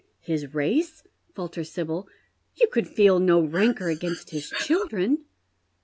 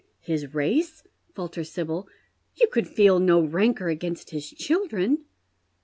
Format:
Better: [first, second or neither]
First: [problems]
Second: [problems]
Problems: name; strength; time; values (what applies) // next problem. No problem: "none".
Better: second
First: background sound (Breathing); 11 dB below the speech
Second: none